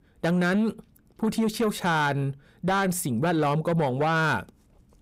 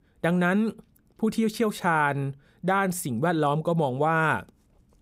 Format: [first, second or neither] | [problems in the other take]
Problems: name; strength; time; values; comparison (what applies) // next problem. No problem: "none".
second | distortion; slight; 10 dB below the speech